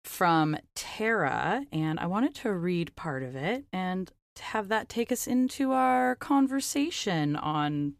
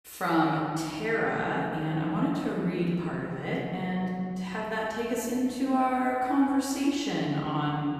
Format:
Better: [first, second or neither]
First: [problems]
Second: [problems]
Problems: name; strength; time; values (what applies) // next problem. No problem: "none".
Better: first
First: none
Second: room echo; noticeable; dies away in 2.2 s // off-mic speech; far